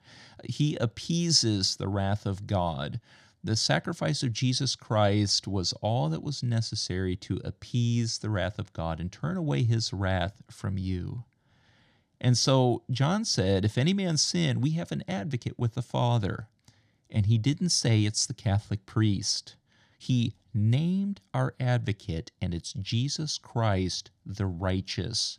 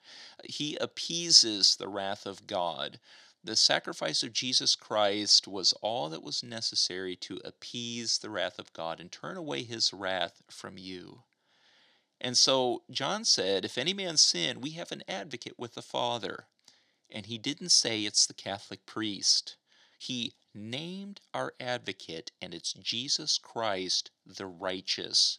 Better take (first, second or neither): first